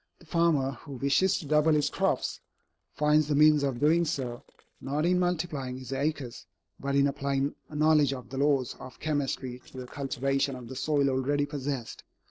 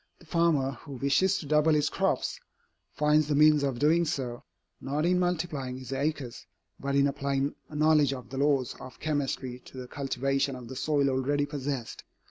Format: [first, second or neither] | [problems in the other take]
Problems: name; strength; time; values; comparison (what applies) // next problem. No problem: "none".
second | noise reduction (neural separator model SepFormer DNS4)